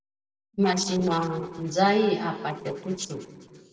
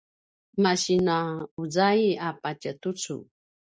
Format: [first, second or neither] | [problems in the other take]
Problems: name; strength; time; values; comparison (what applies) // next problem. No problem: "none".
second | noise reduction (neural separator model SepFormer DNS4)